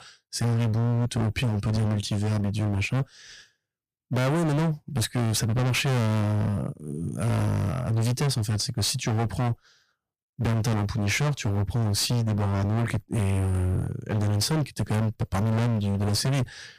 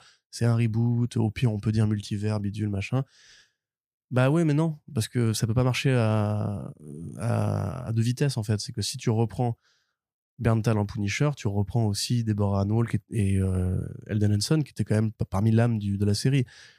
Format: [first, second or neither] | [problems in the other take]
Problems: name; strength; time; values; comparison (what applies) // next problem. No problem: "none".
second | distortion; heavy; 34% of the sound clipped